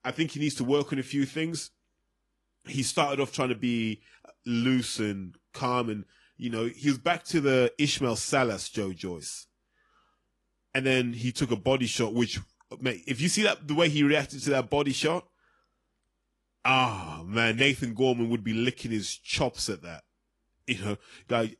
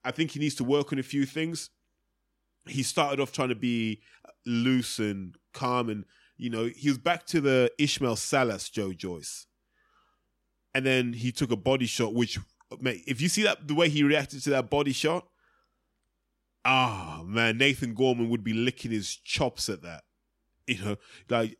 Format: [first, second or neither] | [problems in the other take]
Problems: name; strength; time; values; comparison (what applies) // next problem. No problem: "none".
second | garbled, watery; slightly; nothing above 11 kHz